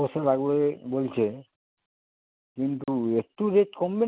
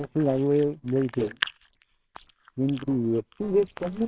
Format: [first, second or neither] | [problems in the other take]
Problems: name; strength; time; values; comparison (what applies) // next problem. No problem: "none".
first | noise reduction (neural separator model SepFormer WHAMR!)